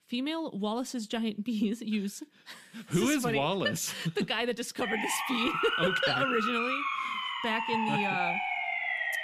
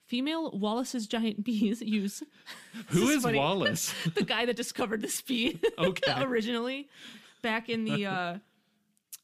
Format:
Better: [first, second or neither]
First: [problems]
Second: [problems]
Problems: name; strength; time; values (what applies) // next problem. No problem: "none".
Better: second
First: siren; loud; from 5 s on; peak 2 dB above the speech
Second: none